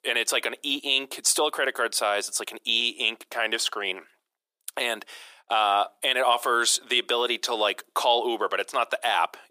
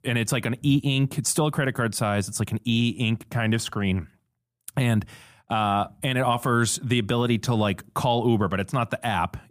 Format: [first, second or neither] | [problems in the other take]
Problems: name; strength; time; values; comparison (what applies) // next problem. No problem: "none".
second | thin; very; fading below 400 Hz